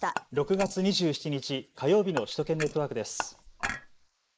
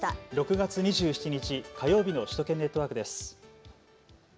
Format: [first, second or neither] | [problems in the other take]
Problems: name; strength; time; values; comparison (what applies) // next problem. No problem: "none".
second | noise reduction (neural mask model Resemble Enhance denoiser)